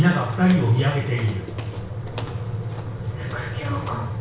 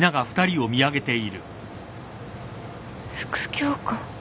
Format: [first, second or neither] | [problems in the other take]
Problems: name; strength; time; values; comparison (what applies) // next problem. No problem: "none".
second | background sound (Walk, footsteps); 17 dB below the speech // room echo; dies away in 0.6 s